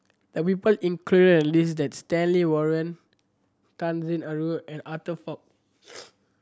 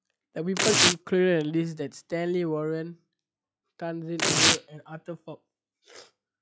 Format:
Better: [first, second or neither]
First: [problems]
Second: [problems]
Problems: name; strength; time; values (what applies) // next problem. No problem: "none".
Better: first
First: none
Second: noise reduction (classical method log-MMSE)